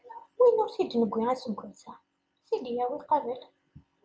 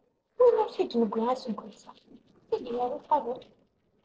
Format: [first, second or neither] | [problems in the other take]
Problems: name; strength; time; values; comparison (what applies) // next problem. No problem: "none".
first | noise reduction (neural separator model SepFormer DNS4)